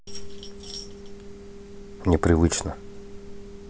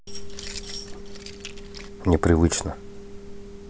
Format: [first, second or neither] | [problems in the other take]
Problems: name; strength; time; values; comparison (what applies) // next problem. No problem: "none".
first | background sound (Keys jangling); 13 dB below the speech